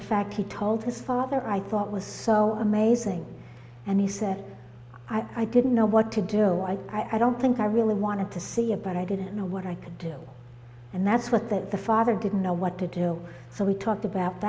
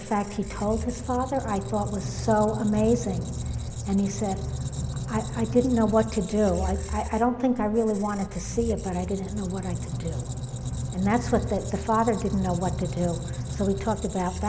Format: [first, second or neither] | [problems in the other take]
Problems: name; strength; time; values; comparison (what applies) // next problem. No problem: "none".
first | background sound (Squeak); 6 dB below the speech